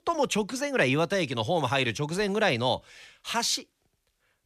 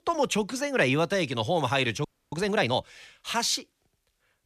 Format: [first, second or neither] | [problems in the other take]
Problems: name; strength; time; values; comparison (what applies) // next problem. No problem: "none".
first | audio freezing; at 2 s